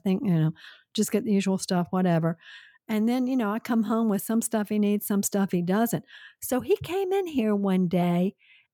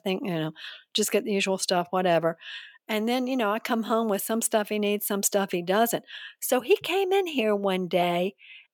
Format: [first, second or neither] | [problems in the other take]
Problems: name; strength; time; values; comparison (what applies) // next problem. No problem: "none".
first | thin; somewhat; fading below 350 Hz